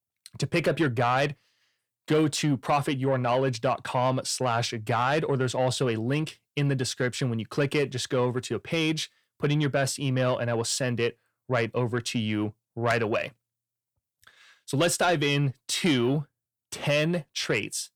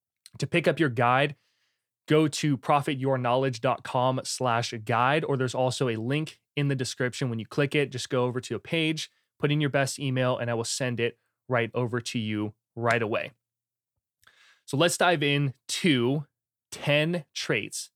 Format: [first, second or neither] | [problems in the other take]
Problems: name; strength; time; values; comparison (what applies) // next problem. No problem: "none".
second | distortion; slight; 10 dB below the speech